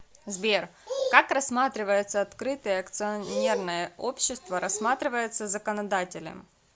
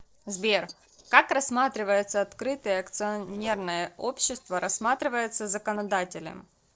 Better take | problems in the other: first | noise reduction (neural separator model SepFormer DNS4)

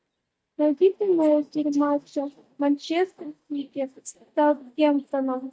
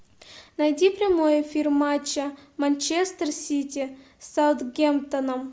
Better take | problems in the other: second | noise reduction (neural mask model DeepFilterNet 3)

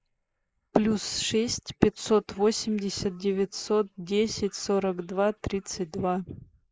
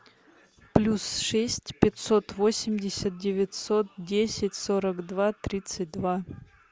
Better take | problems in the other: second | noise reduction (neural mask model Resemble Enhance denoiser)

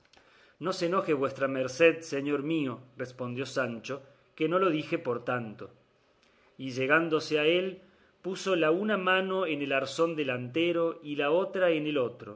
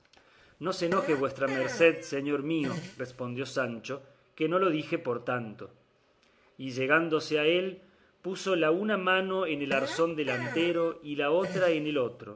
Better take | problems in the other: first | background sound (Fart); 11 dB below the speech

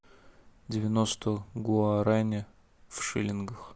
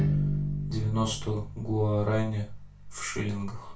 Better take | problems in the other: first | background sound (Bowed string instrument); 3 dB below the speech // room echo; dies away in 0.3 s

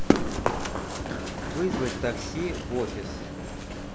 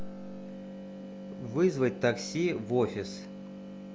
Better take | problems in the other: second | background sound (Run); 4 dB above the speech

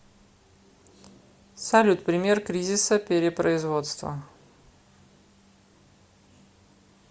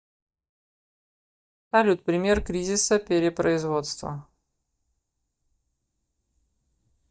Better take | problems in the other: first | noise reduction (neural mask model DeepFilterNet 3)

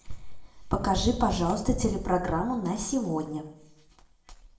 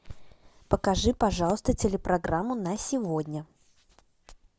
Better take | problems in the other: second | room echo; dies away in 0.7 s

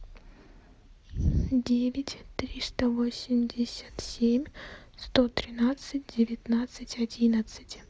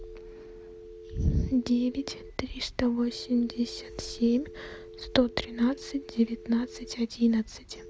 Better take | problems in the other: first | background sound (Telephone); 17 dB below the speech

